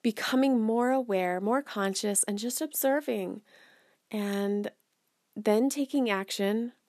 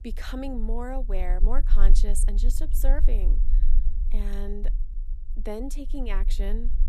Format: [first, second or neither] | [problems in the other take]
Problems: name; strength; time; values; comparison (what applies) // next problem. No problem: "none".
first | low rumble; noticeable; throughout; 15 dB below the speech